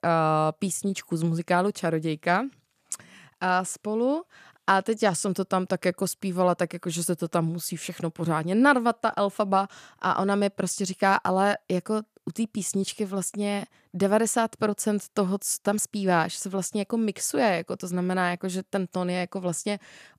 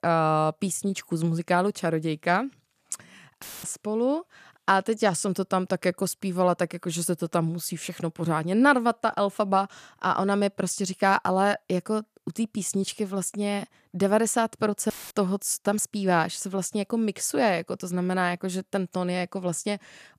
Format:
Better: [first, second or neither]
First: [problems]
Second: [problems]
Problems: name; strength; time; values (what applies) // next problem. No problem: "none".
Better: first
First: none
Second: audio cutting out; filled with static; at 3.5 s and at 15 s